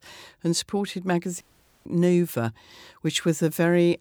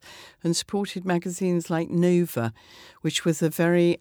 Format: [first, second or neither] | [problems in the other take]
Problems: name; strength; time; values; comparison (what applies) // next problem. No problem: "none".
second | audio cutting out; at 1.5 s